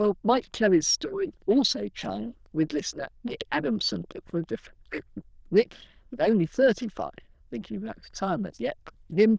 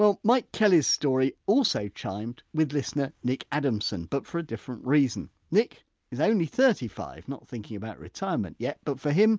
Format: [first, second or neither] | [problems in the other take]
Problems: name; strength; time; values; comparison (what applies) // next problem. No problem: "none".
second | noise reduction (neural diffusion model UNIVERSE++)